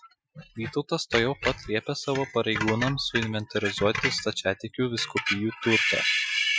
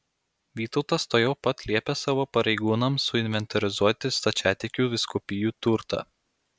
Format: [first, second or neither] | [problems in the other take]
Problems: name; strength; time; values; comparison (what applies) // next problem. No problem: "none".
second | noise reduction (classical method Wiener filter)